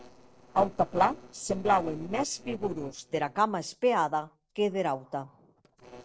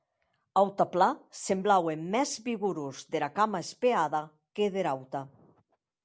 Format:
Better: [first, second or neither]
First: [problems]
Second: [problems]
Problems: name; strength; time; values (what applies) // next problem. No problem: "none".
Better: second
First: noise reduction (neural separator model SepFormer DNS4)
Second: none